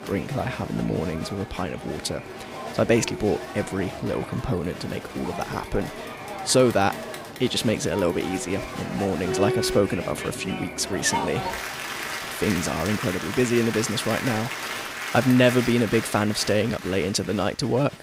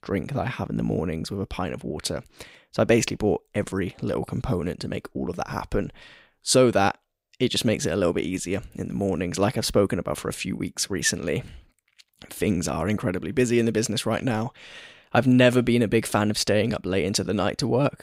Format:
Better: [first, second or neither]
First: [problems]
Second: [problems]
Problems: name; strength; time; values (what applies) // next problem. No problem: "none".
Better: second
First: crowd noise; loud; throughout; 7 dB below the speech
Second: none